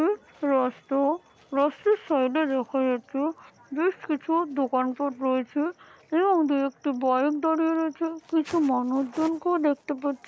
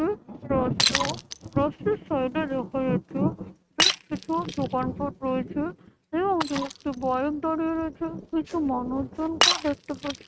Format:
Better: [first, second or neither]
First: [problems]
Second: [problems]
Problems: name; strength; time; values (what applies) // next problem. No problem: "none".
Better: first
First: none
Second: noise reduction (neural mask model RNNoise)